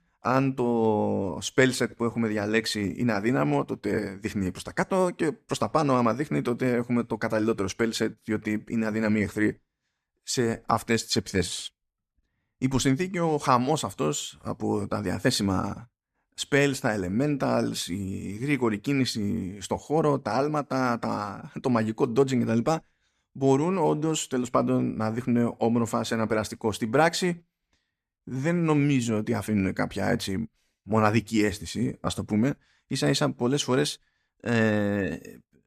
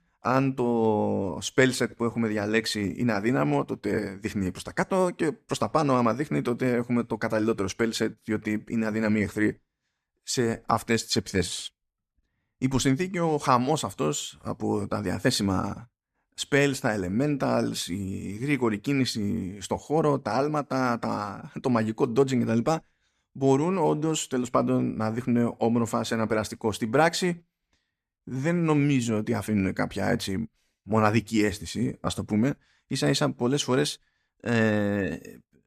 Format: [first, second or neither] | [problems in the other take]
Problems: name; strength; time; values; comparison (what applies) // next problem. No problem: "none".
neither | none